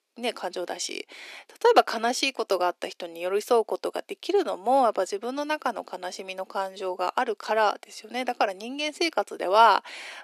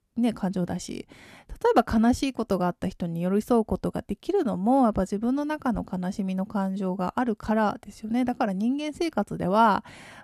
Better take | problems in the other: second | thin; very; fading below 350 Hz

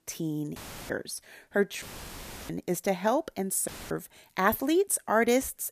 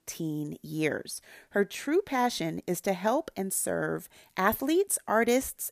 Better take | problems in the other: second | audio cutting out; filled with static; at 0.5 s, at 2 s for 0.5 s and at 3.5 s

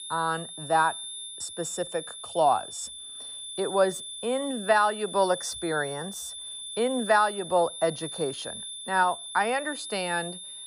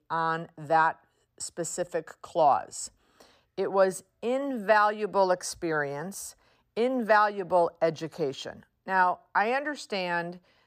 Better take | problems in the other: second | high-pitched whine; loud; throughout; 3.5 kHz, 9 dB below the speech

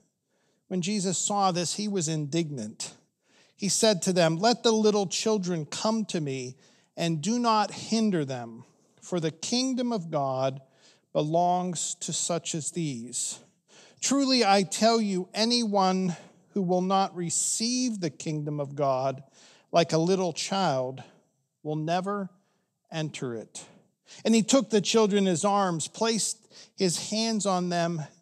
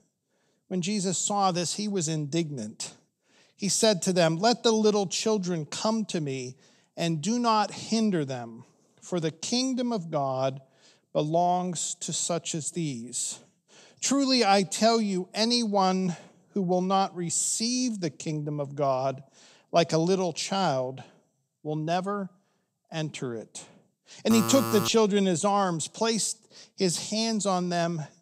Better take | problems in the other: first | alarm; noticeable; at 24 s; peak 3 dB below the speech

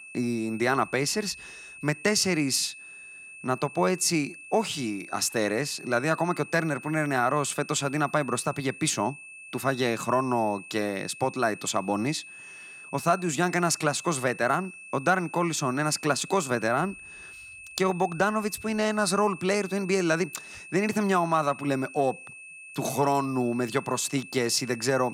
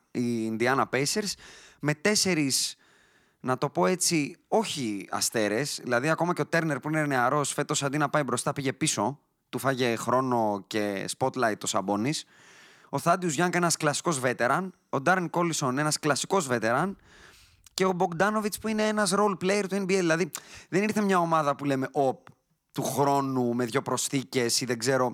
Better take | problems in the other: second | high-pitched whine; noticeable; throughout; 2.5 kHz, 15 dB below the speech

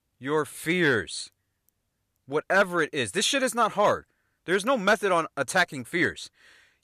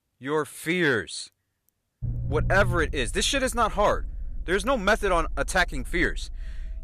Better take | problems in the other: first | low rumble; faint; from 2 s on; 25 dB below the speech

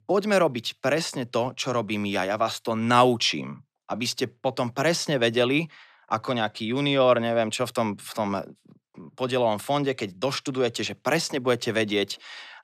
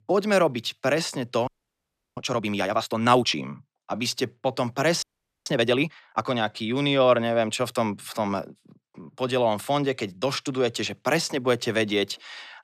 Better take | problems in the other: first | audio freezing; at 1.5 s for 0.5 s and at 5 s

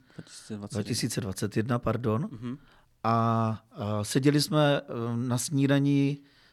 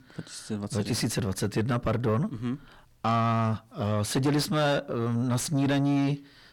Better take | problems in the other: first | distortion; heavy; 7 dB below the speech

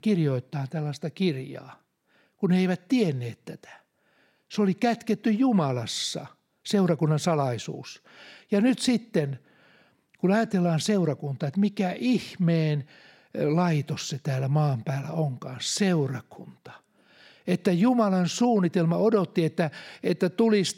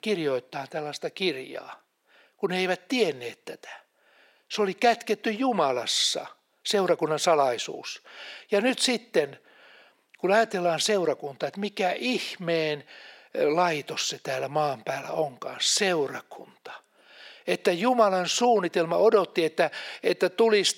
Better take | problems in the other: first | thin; very; fading below 500 Hz

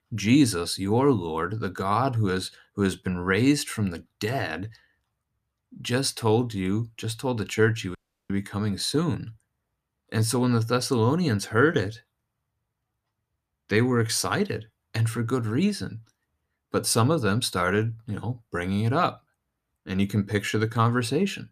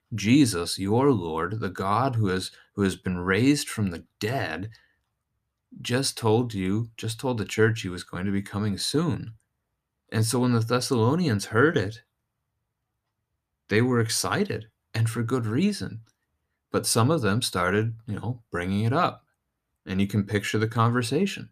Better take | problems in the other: second | audio cutting out; at 8 s

